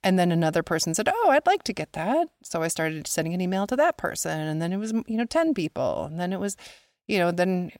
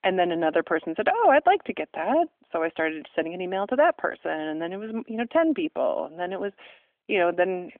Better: first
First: none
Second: phone-call audio

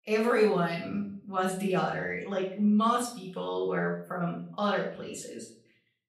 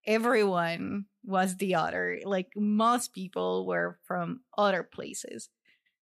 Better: second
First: off-mic speech; far // room echo; noticeable; dies away in 0.5 s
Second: none

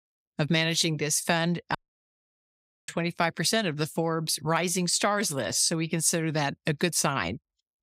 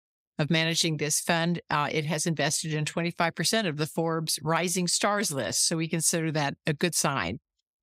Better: second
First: audio cutting out; at 2 s for 1 s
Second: none

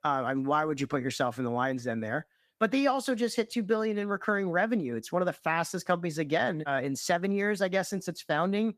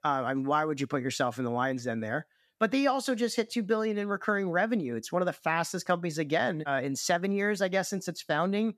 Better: second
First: garbled, watery; slightly; nothing above 14.5 kHz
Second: none

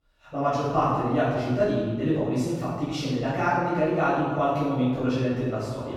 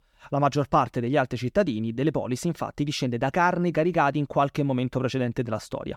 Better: second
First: off-mic speech; far // room echo; strong; dies away in 1.2 s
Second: none

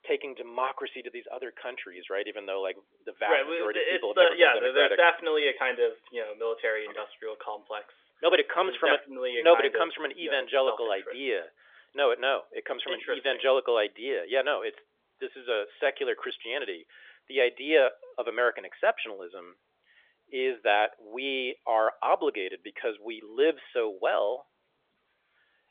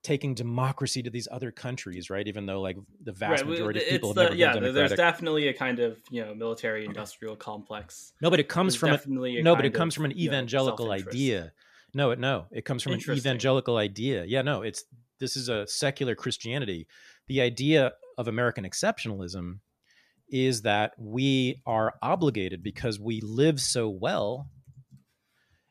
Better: second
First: phone-call audio; nothing above 3.5 kHz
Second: none

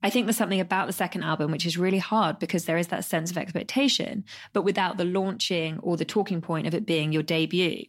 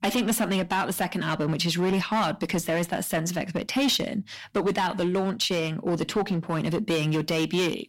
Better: first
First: none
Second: distortion; slight; 11% of the sound clipped

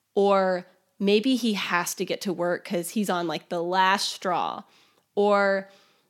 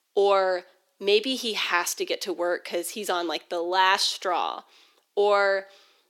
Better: first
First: none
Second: thin; somewhat; fading below 350 Hz

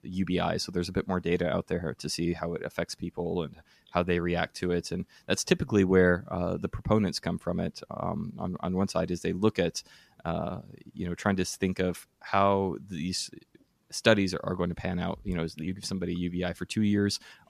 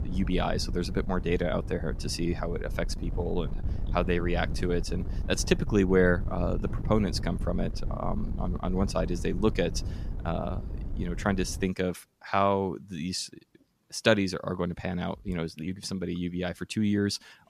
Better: first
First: none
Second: wind noise on the microphone; occasional gusts; until 12 s; 15 dB below the speech

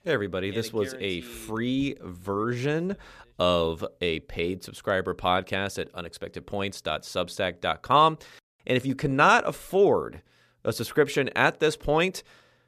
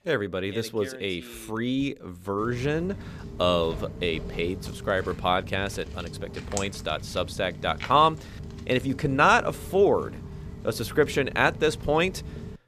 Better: first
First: none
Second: footsteps; noticeable; from 2.5 s on; peak 8 dB below the speech

